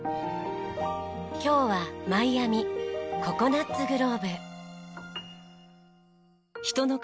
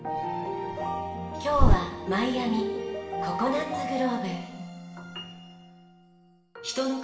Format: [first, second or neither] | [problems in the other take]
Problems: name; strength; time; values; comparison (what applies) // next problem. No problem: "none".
first | background sound (Bird); 3 dB above the speech // room echo; dies away in 1.1 s